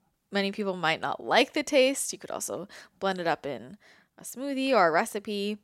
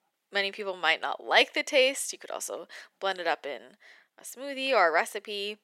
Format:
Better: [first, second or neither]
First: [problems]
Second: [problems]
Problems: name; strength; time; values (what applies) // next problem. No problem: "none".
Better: first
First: none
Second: thin; somewhat; fading below 450 Hz